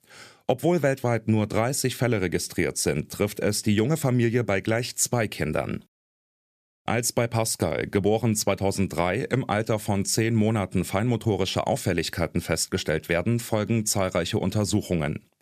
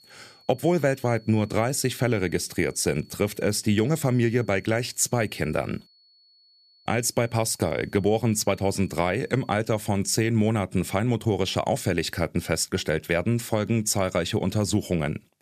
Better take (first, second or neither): first